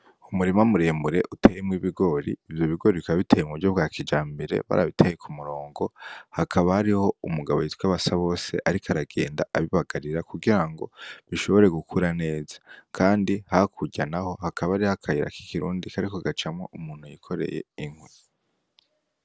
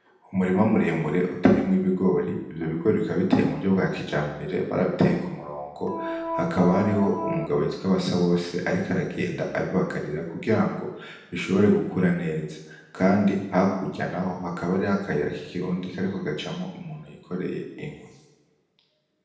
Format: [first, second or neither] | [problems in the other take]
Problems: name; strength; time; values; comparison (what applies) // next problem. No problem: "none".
first | background sound (Organ); 6 dB below the speech // room echo; dies away in 0.9 s